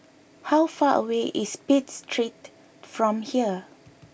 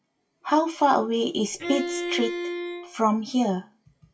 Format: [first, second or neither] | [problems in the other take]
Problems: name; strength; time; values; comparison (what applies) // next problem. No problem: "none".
first | noise reduction (classical method WPE with log-MMSE)